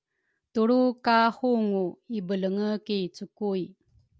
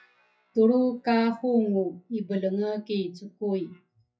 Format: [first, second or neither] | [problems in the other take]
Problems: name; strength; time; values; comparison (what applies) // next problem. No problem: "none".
first | noise reduction (classical method WPE with log-MMSE)